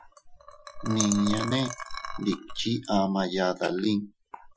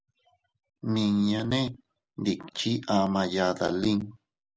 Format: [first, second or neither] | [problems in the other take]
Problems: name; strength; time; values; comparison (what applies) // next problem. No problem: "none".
second | noise reduction (classical method Wiener filter)